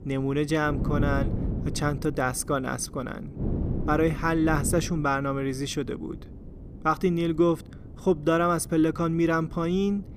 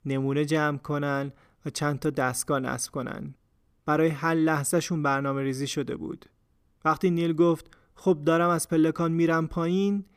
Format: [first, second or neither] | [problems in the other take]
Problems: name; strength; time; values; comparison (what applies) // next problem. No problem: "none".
second | wind noise on the microphone; occasional gusts; 15 dB below the speech